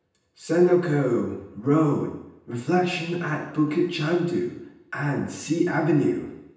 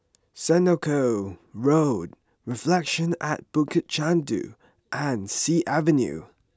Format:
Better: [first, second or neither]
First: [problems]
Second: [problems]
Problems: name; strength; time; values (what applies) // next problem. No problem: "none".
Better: second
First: room echo; dies away in 0.9 s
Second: none